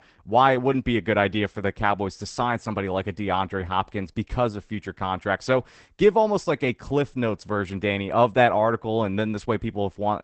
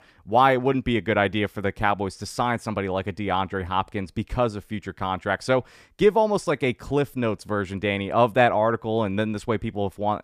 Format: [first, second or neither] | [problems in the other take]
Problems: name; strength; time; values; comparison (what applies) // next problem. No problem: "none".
second | garbled, watery; badly; nothing above 8 kHz